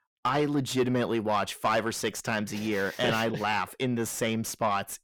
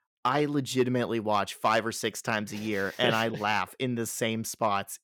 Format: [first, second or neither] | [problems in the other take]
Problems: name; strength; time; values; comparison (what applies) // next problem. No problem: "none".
second | distortion; slight; 10 dB below the speech